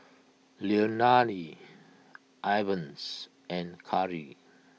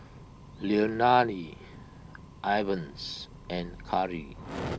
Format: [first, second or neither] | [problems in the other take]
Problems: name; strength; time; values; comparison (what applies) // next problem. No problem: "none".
first | background sound (Fire); 13 dB below the speech